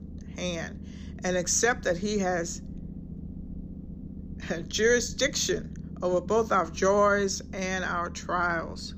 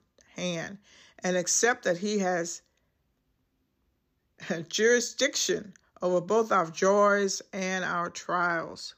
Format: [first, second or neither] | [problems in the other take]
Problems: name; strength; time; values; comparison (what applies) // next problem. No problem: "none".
second | low rumble; faint; throughout; 25 dB below the speech